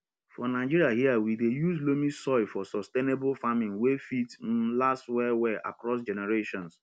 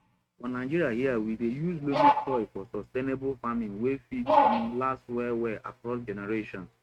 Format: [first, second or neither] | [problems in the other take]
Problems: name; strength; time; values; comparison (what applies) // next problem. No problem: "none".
first | noise reduction (neural mask model RNNoise)